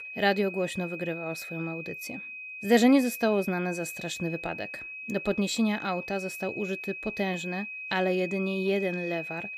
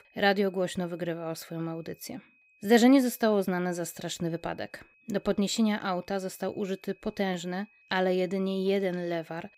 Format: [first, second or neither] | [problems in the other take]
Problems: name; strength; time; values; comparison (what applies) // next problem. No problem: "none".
second | high-pitched whine; loud; throughout; 2.5 kHz, 8 dB below the speech; faint in the second